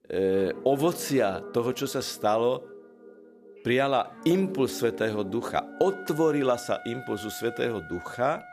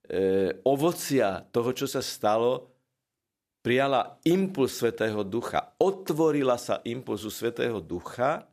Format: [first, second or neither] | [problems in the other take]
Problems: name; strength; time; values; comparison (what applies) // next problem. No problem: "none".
second | background music; noticeable; throughout; 15 dB below the speech